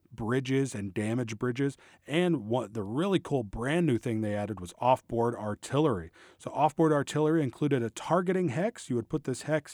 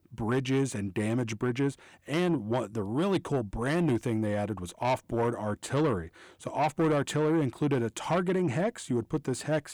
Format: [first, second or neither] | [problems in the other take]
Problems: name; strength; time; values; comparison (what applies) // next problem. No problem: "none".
first | distortion; slight; 10 dB below the speech